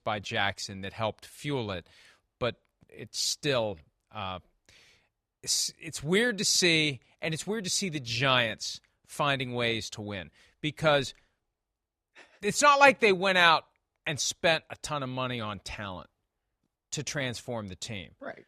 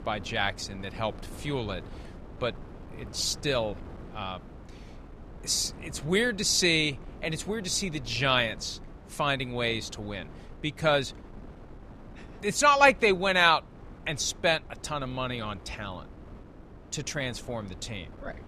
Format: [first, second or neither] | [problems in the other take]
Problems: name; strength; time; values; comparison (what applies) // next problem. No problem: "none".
first | wind noise on the microphone; occasional gusts; 25 dB below the speech